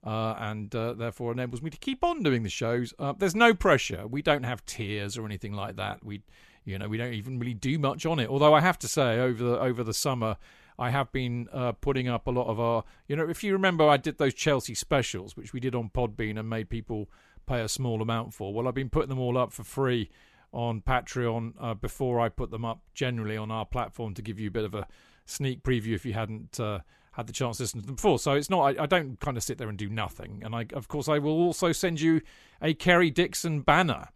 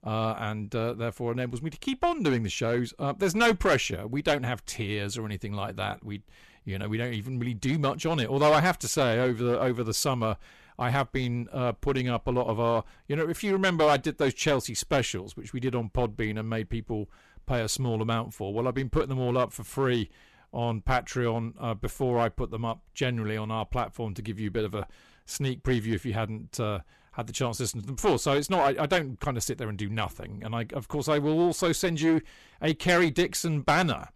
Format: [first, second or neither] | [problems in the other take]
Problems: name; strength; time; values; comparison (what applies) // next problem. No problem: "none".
first | distortion; slight; 4% of the sound clipped